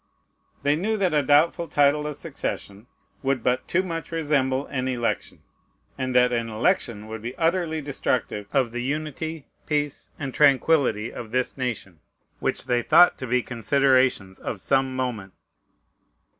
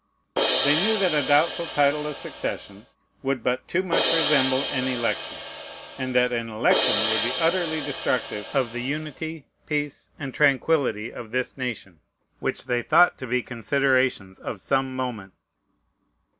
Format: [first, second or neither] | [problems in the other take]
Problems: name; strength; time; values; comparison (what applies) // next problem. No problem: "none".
first | background sound (Crash cymbal); 3 dB below the speech